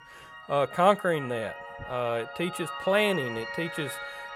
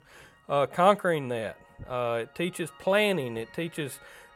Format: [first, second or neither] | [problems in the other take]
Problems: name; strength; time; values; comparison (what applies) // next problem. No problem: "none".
second | background music; loud; throughout; 10 dB below the speech; faint in the second